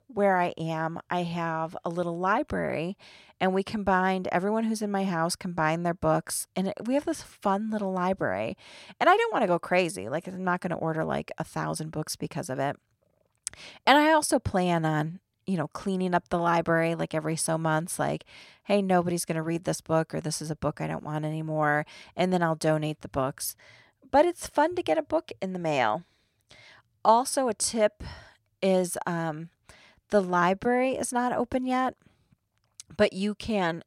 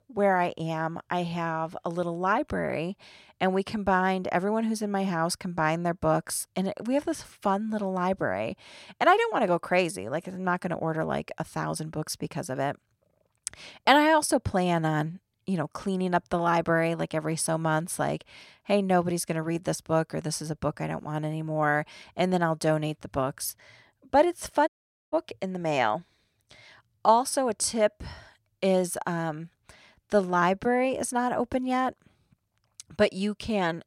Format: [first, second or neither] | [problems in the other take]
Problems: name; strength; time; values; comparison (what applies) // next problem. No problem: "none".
first | audio cutting out; at 25 s